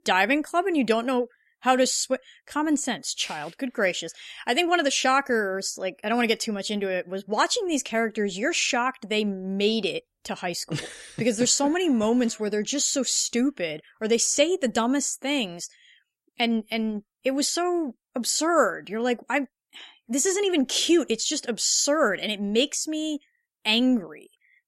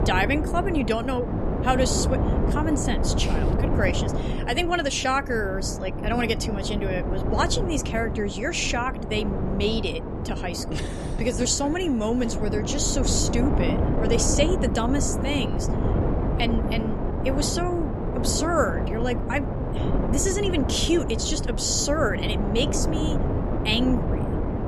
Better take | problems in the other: first | wind noise on the microphone; heavy; 5 dB below the speech

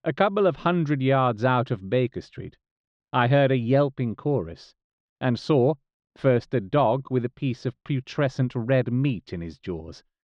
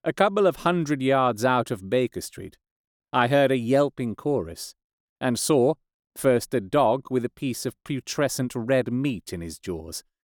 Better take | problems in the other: second | muffled; slightly; fading above 4 kHz

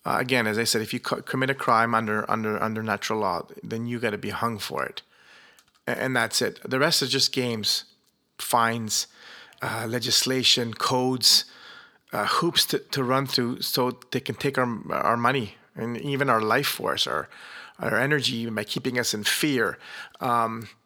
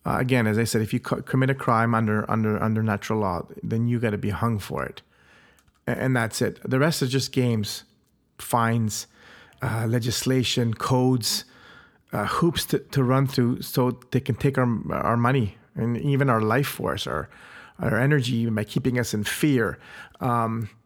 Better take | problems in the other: second | thin; somewhat; fading below 500 Hz

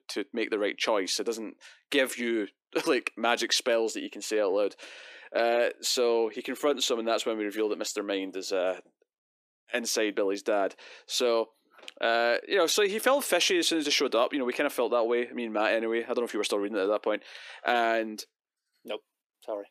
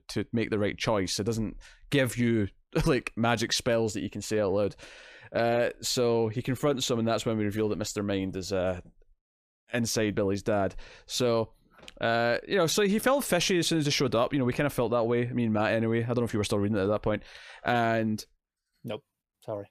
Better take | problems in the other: second | thin; somewhat; fading below 300 Hz

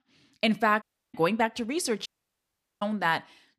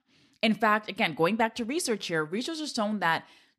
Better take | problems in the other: second | audio cutting out; at 1 s and at 2 s for 1 s

